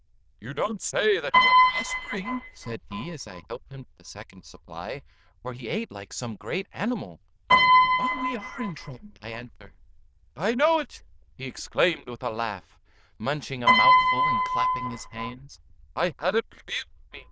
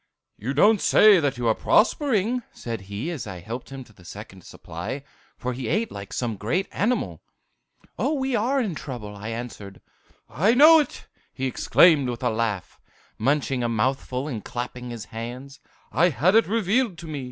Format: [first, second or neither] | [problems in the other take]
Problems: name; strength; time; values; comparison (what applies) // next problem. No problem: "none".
second | noise reduction (neural diffusion model UNIVERSE++)